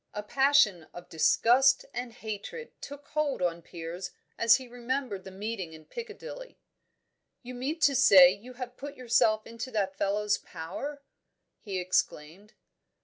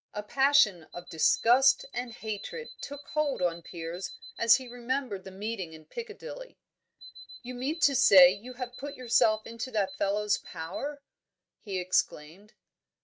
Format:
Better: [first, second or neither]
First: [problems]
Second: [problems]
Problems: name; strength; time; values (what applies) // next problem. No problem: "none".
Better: first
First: none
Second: noise reduction (neural mask model RNNoise)